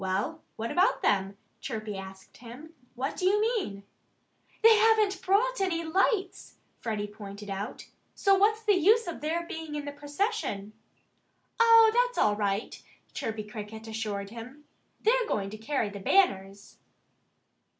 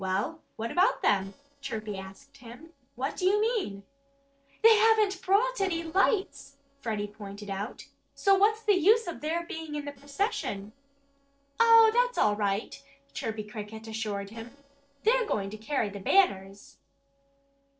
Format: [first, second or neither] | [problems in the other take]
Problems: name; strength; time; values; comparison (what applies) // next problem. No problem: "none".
first | noise reduction (neural separator model SepFormer DNS4)